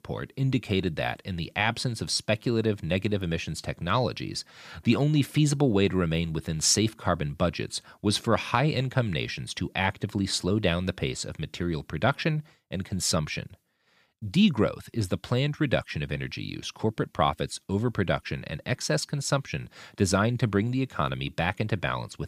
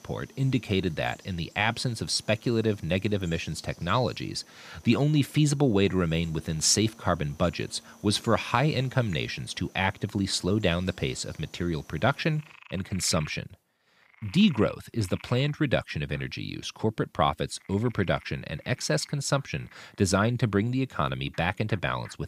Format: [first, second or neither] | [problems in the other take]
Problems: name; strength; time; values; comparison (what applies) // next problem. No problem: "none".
first | animal sounds; faint; throughout; 25 dB below the speech